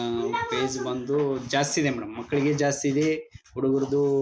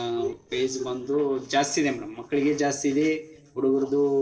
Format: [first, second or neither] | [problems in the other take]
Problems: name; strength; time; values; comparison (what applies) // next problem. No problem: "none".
first | noise reduction (neural separator model SepFormer DNS4)